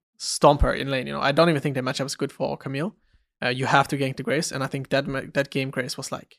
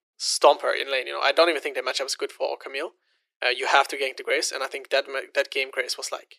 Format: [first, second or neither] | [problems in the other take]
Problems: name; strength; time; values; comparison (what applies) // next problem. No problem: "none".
first | thin; very; fading below 350 Hz